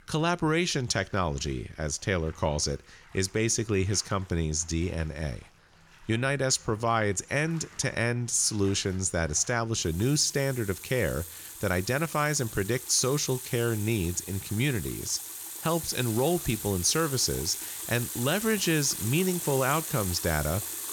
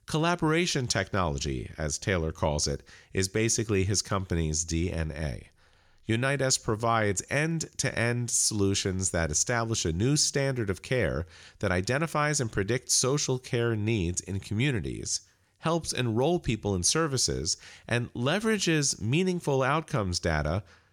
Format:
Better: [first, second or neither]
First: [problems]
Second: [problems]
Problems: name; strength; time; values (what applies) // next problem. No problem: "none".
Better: second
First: household noises; loud; throughout; 8 dB below the speech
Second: none